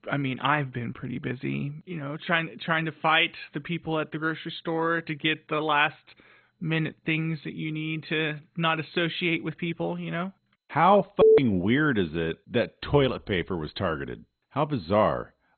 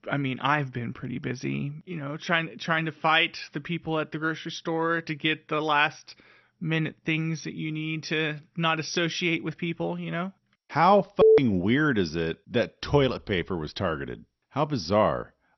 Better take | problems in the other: second | garbled, watery; badly; nothing above 3.5 kHz; slightly in the second

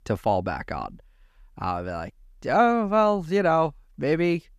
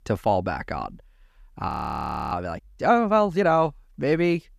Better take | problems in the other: first | audio freezing; at 1.5 s for 0.5 s

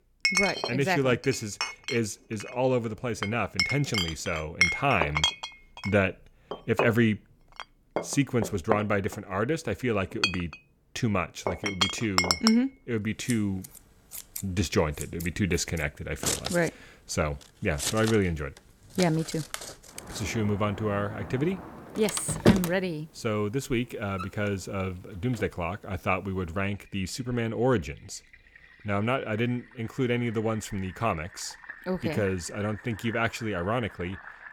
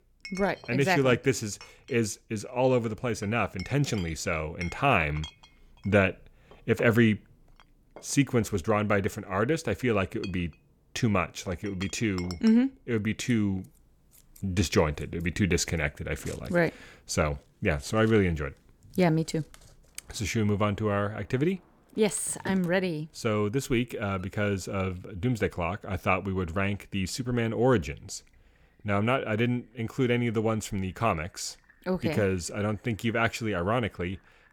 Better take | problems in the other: second | household noises; loud; throughout; 2 dB below the speech; faint in the second

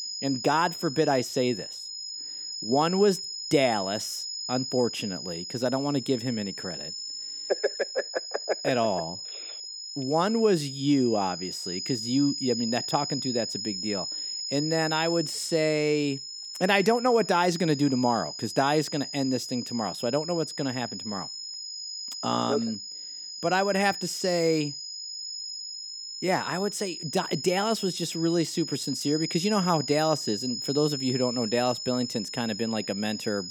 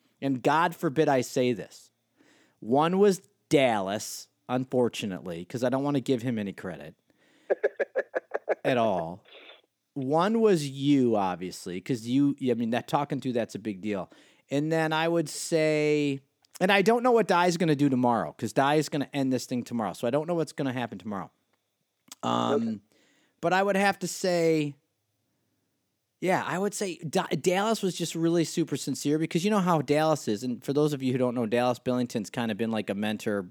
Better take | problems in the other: second | high-pitched whine; loud; throughout; 5 kHz, 6 dB below the speech

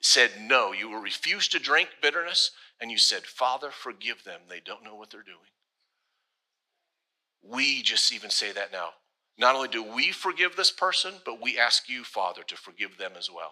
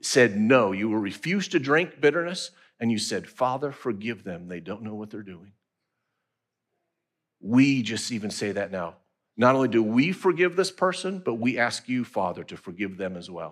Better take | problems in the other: second | thin; very; fading below 800 Hz

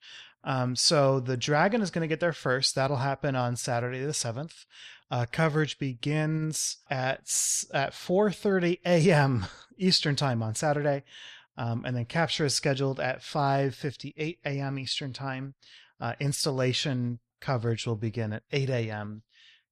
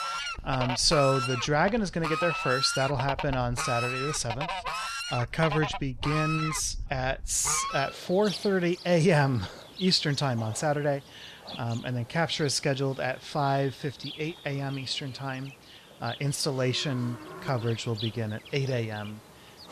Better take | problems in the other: first | animal sounds; loud; throughout; 7 dB below the speech

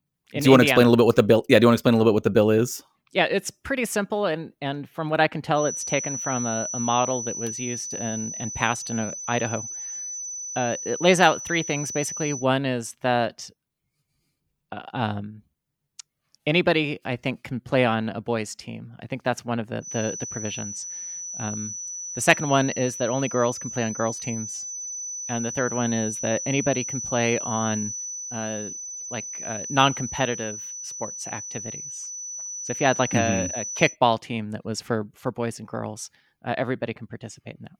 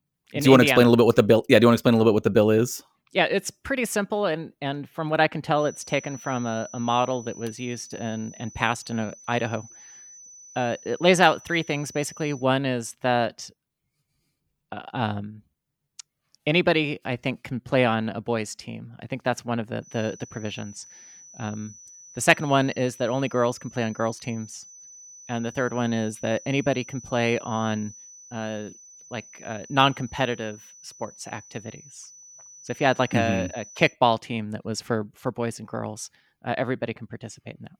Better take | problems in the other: second | high-pitched whine; loud; from 5.5 to 12 s and from 20 to 34 s; 6 kHz, 7 dB below the speech; faint in the second

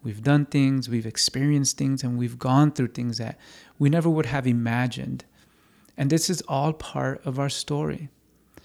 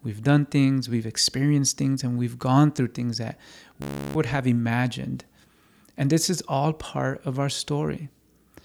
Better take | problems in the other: first | audio freezing; at 4 s

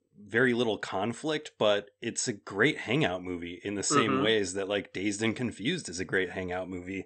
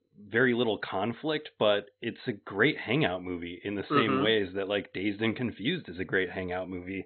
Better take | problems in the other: first | garbled, watery; badly; nothing above 4 kHz; slightly in the first

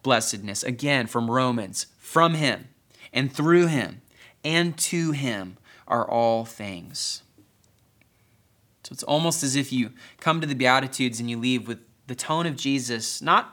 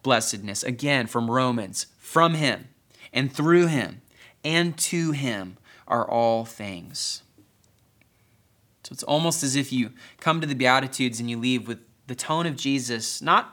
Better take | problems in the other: neither | none

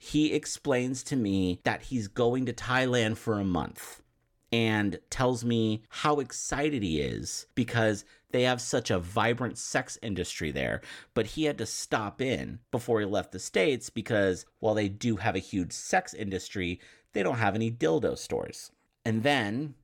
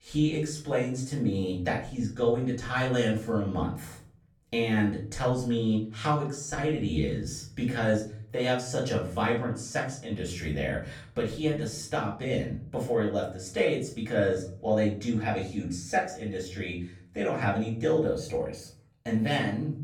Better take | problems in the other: first | off-mic speech; far // room echo; slight; dies away in 0.5 s

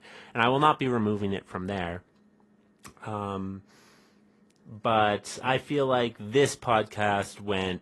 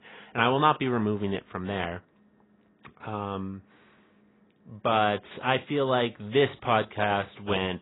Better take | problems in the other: first | garbled, watery; badly; nothing above 3.5 kHz; slightly in the first

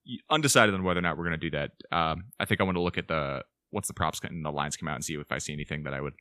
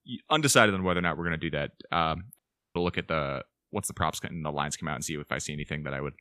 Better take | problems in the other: first | audio cutting out; at 2.5 s

